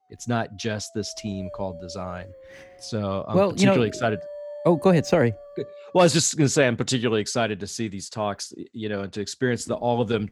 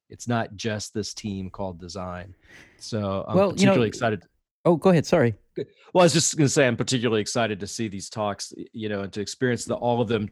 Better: second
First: dog barking; faint; from 0.5 to 6 s; peak 15 dB below the speech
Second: none

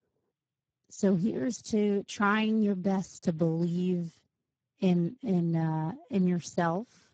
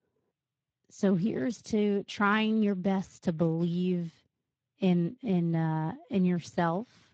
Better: second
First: garbled, watery; badly; nothing above 7.5 kHz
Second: garbled, watery; slightly; nothing above 7.5 kHz

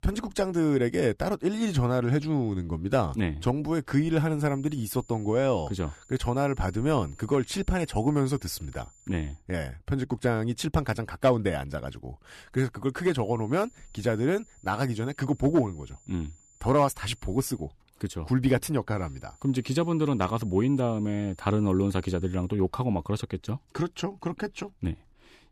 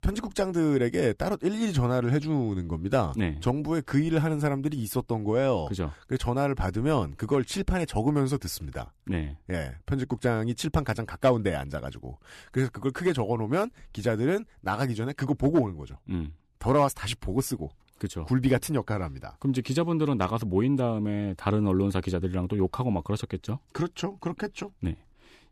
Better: second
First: high-pitched whine; faint; from 4.5 to 9.5 s, from 13 to 18 s and from 19 to 22 s; 7 kHz, 30 dB below the speech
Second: none

